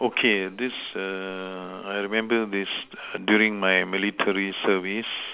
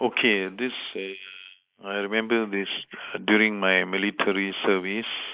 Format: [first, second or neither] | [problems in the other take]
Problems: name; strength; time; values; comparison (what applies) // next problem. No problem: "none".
first | noise reduction (neural mask model Resemble Enhance denoiser)